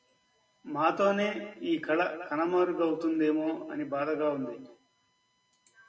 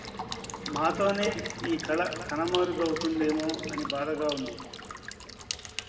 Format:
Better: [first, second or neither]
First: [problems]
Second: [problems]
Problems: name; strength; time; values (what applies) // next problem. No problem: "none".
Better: first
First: none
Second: background sound (Water tap, faucet / Water / Liquid); 7 dB below the speech